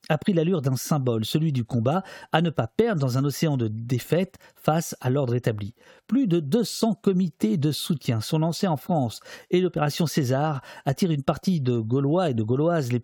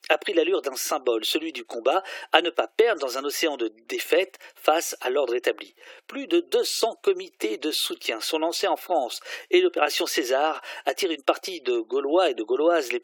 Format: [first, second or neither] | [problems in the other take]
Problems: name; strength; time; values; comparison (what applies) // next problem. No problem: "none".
first | thin; very; fading below 350 Hz